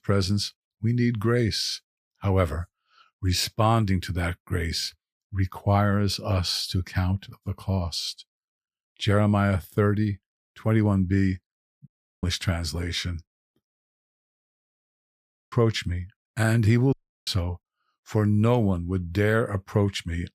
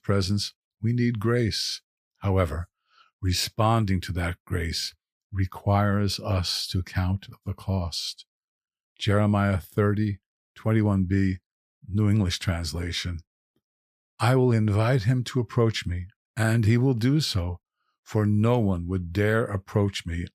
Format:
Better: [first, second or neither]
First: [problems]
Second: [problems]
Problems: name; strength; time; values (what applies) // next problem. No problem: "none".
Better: second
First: audio cutting out; at 12 s, at 14 s for 1.5 s and at 17 s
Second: none